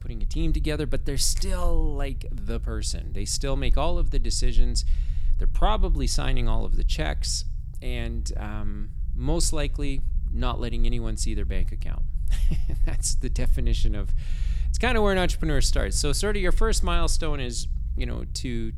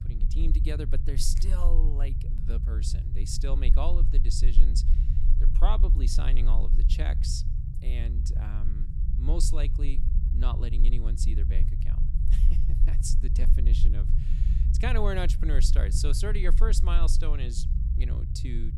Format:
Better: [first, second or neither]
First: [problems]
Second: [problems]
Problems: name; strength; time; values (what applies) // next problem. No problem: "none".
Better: first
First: low rumble; faint; throughout; 20 dB below the speech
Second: low rumble; loud; throughout; 9 dB below the speech